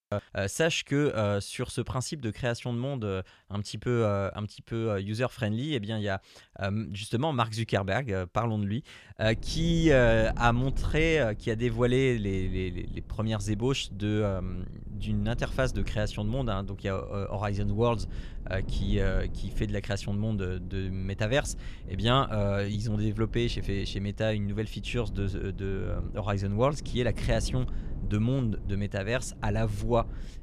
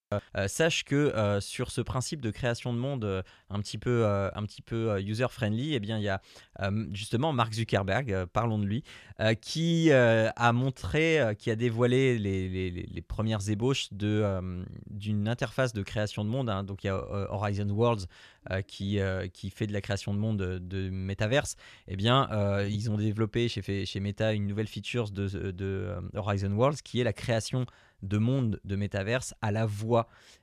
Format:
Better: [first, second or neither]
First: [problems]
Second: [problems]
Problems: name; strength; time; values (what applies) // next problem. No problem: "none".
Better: second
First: low rumble; faint; from 9 s on; 20 dB below the speech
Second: none